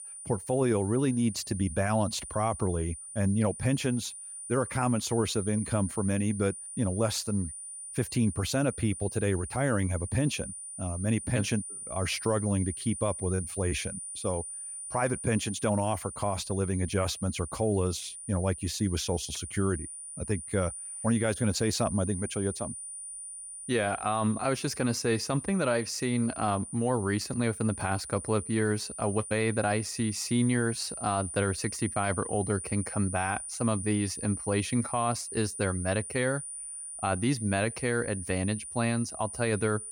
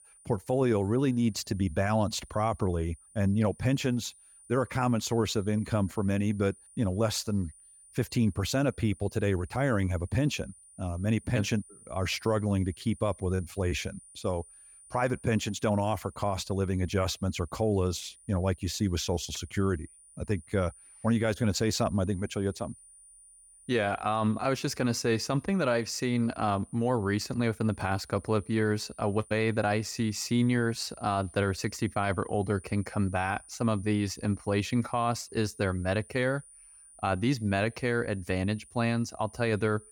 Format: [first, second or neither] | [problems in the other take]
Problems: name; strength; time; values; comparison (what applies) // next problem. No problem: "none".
second | high-pitched whine; loud; throughout; 9.5 kHz, 8 dB below the speech; faint in the second